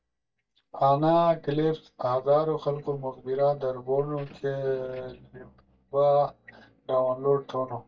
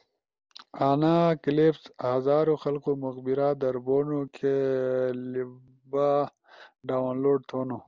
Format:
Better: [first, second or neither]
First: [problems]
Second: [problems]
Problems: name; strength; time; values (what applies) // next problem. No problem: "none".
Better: second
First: noise reduction (neural mask model DeepFilterNet 3)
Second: none